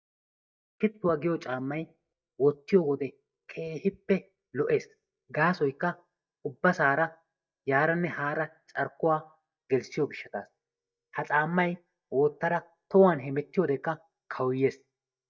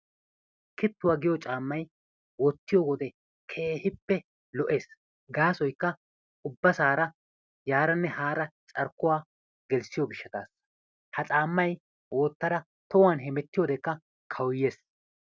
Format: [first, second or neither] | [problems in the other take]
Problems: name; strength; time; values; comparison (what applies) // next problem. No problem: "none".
second | noise reduction (neural mask model DeepFilterNet 3)